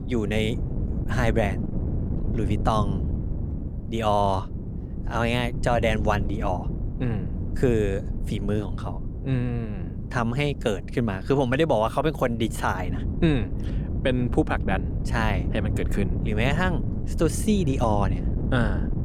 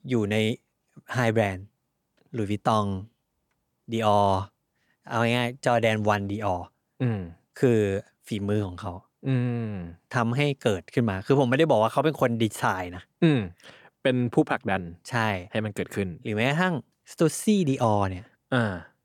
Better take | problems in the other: second | wind noise on the microphone; occasional gusts; 15 dB below the speech

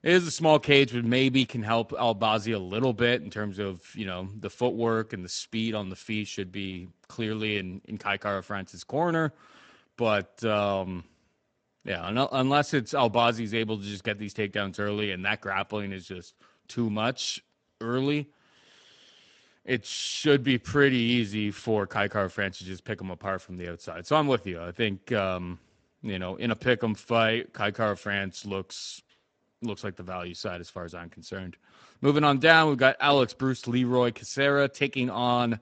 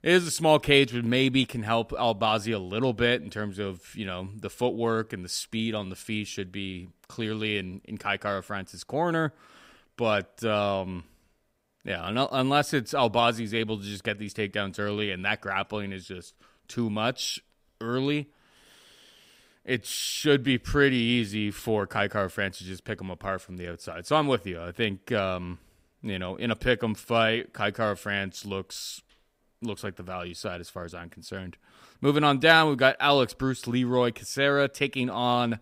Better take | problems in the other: second | garbled, watery; slightly; nothing above 8 kHz

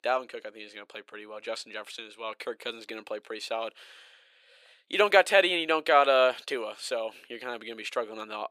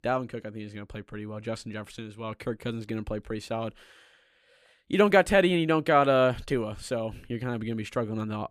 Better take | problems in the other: second | thin; very; fading below 450 Hz

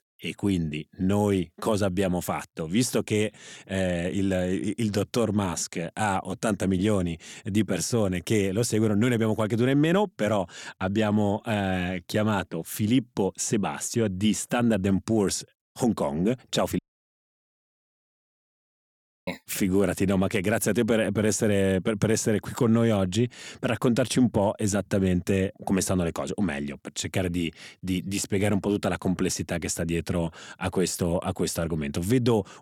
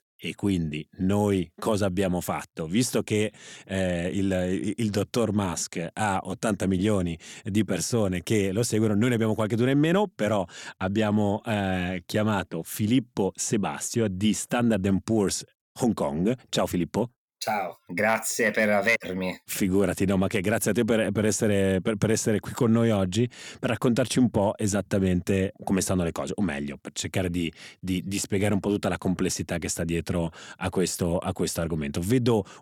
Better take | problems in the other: second | audio cutting out; at 17 s for 2.5 s

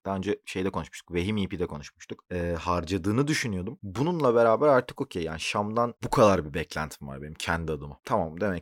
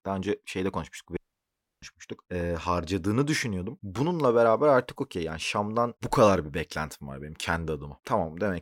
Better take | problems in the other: first | audio cutting out; at 1 s for 0.5 s

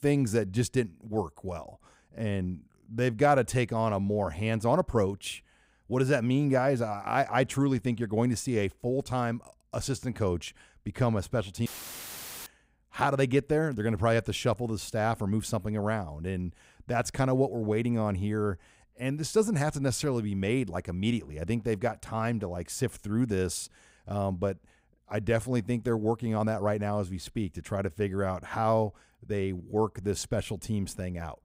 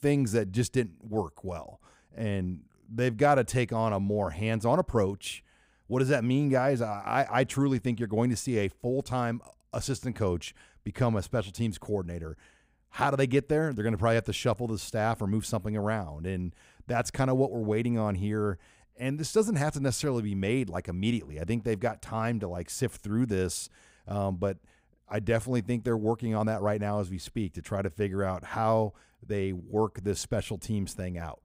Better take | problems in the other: second | audio cutting out; filled with static; at 12 s for 1 s

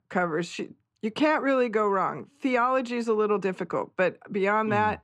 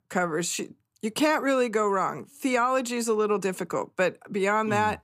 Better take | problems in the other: second | muffled; slightly; fading above 3 kHz

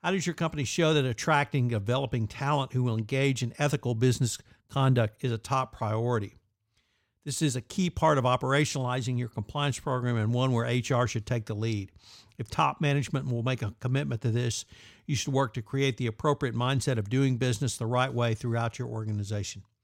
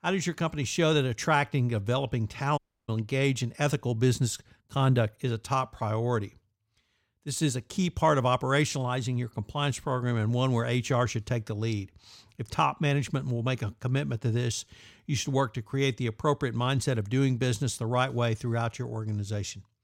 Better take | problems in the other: first | audio cutting out; at 2.5 s

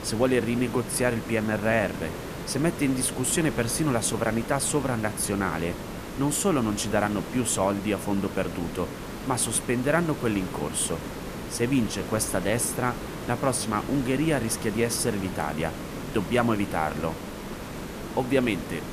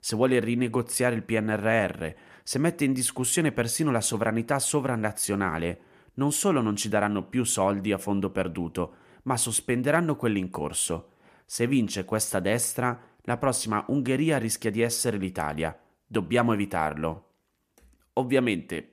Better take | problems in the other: second | hiss; loud; throughout; 9 dB below the speech

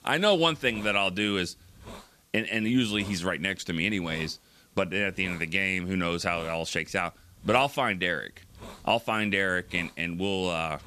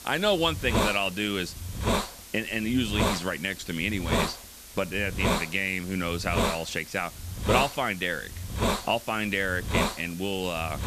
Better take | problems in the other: first | hiss; loud; throughout; 2 dB below the speech; faint in the first

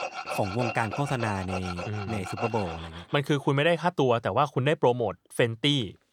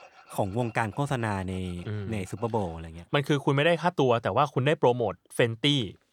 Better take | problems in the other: second | machinery noise; loud; until 3 s; 9 dB below the speech; faint in the second

